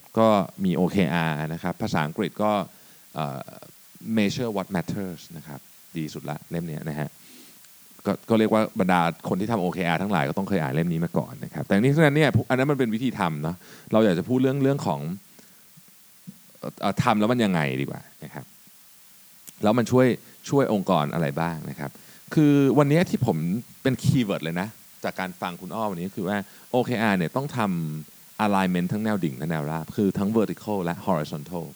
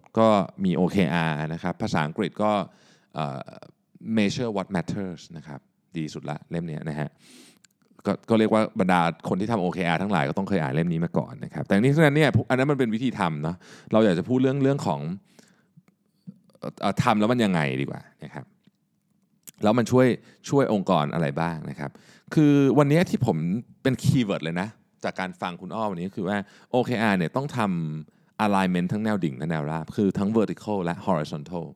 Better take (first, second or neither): second